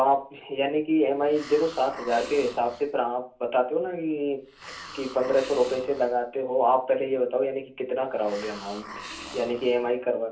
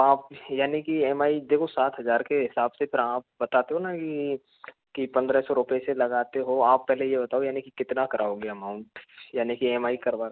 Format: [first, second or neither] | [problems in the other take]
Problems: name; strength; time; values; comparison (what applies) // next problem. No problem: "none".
second | background sound (Hiss); 18 dB below the speech // room echo; dies away in 0.3 s